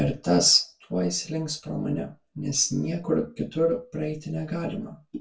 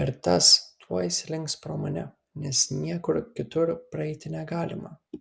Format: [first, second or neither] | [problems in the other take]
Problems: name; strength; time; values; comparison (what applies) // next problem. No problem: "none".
second | room echo; dies away in 0.2 s